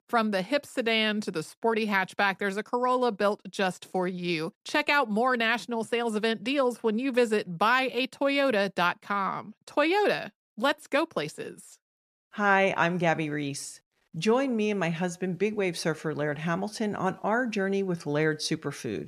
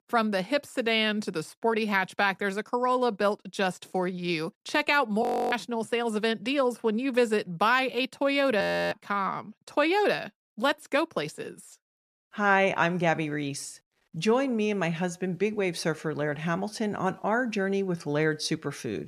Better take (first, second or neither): first